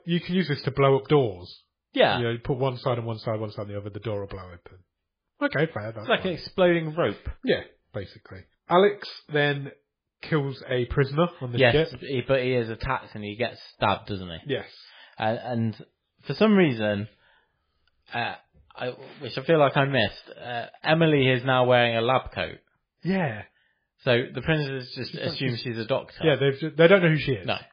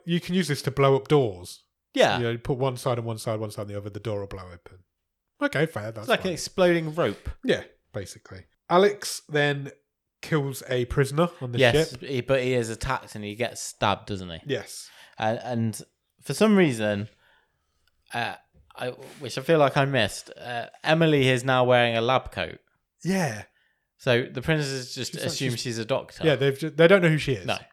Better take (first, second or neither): second